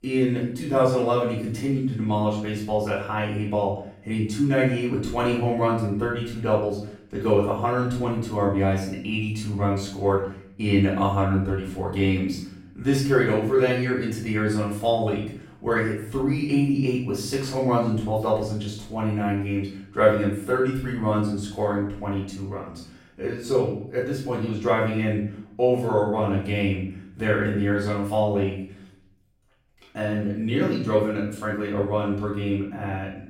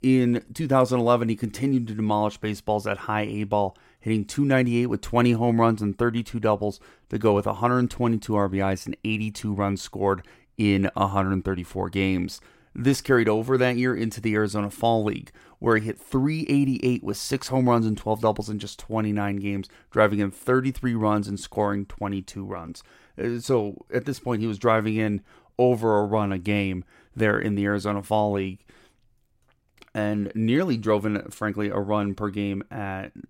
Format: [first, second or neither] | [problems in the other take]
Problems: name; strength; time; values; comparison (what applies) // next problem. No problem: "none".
second | off-mic speech; far // room echo; noticeable; dies away in 0.6 s